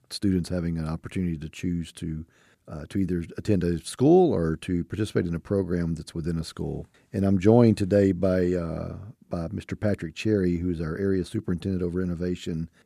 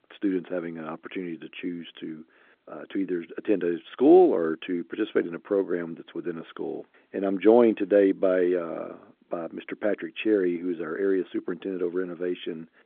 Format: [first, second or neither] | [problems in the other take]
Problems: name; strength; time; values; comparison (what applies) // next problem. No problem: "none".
first | phone-call audio; nothing above 3.5 kHz